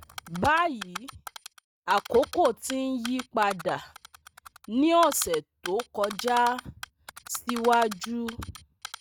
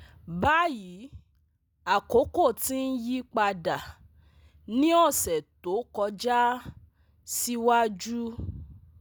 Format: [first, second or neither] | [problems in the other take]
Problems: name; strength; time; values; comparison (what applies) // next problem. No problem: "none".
second | noise reduction (neural mask model RNNoise)